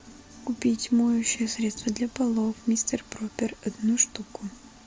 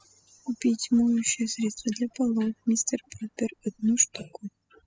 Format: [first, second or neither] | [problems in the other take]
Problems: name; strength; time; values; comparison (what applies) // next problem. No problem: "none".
first | noise reduction (classical method spectral subtraction)